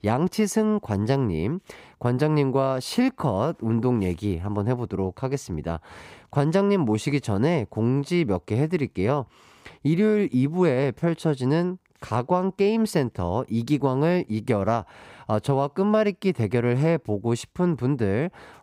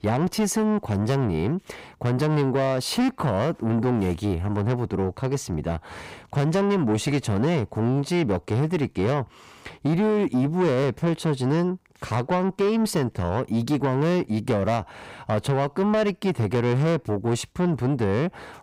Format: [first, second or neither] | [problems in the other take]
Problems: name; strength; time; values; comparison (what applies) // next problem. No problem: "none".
first | distortion; slight; 10 dB below the speech